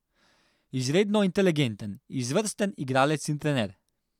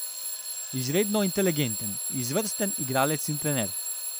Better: first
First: none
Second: background sound (Alarm / Clock); 4 dB below the speech

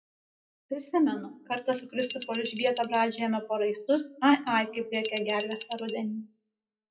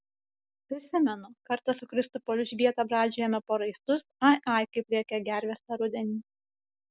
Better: second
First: noise reduction (classical method WPE with log-MMSE)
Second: none

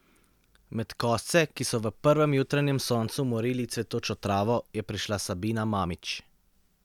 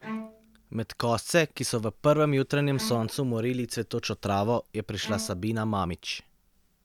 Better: first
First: none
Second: background sound (Bowed string instrument); 14 dB below the speech

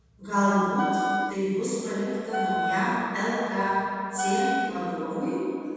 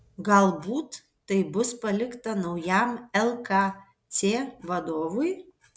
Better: second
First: background sound (Wind instrument, woodwind instrument); 3 dB below the speech // room echo; dies away in 2.1 s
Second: none

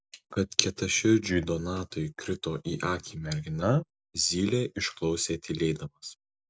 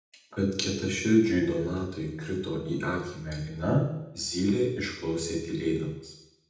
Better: first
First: none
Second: room echo; dies away in 0.8 s

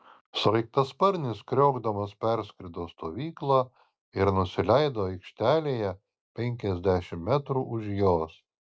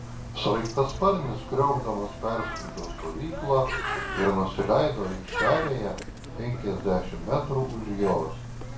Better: first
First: none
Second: background sound (Bird); 7 dB below the speech // room echo; dies away in 0.3 s

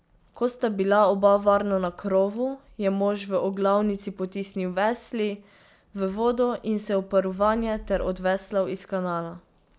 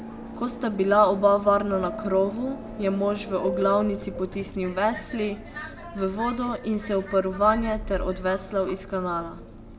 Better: first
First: none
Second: background sound (Subway, metro, underground); 12 dB below the speech // room echo; dies away in 1.2 s

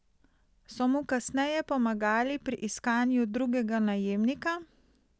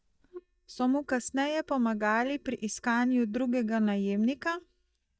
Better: first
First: none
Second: noise reduction (neural mask model DeepFilterNet 3)

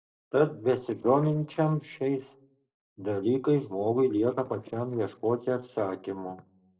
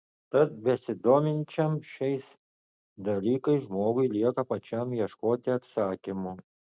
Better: second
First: noise reduction (neural separator model SepFormer DNS4)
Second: none

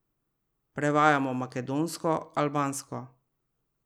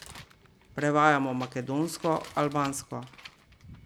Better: first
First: none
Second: background sound (Crumpling, crinkling + Wind); 20 dB below the speech

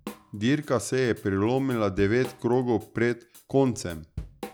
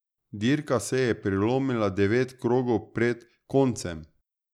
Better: second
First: background sound (Drum / Drum kit); 18 dB below the speech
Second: none

